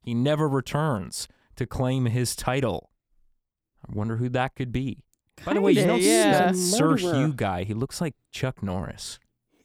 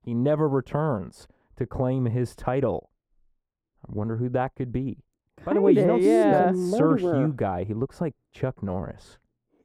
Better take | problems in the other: first | muffled; very; fading above 2 kHz

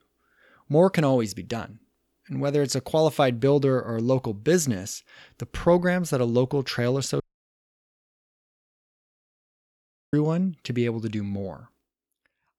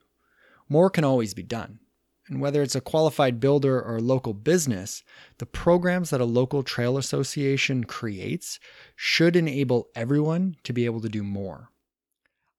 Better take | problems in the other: second | audio cutting out; at 7 s for 3 s

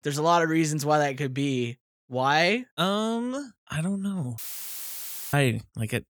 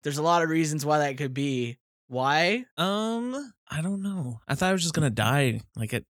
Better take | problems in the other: second | audio cutting out; filled with static; at 4.5 s for 1 s

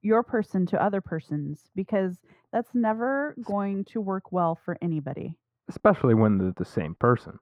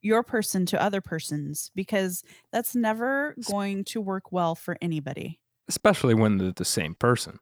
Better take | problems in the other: second | muffled; very; fading above 3 kHz

